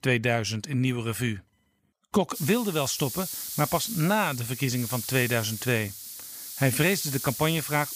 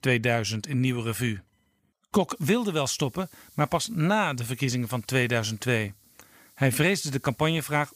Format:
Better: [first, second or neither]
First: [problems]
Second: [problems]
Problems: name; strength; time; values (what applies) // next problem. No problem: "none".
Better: second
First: hiss; loud; from 2.5 s on; 7 dB below the speech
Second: hiss; faint; from 2.5 s on; 25 dB below the speech